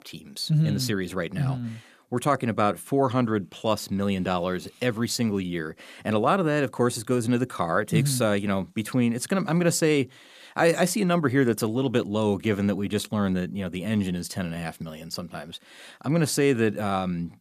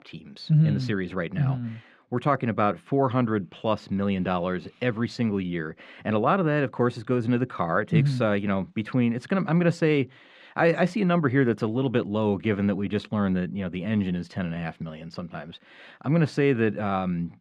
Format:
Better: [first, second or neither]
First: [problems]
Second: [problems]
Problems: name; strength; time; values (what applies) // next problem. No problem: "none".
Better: first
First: none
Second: muffled; slightly; fading above 2.5 kHz